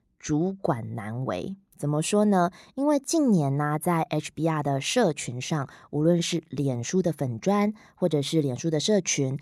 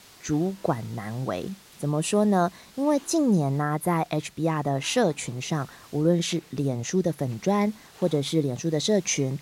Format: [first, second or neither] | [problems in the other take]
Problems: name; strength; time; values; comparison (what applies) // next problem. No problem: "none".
first | hiss; faint; throughout; 25 dB below the speech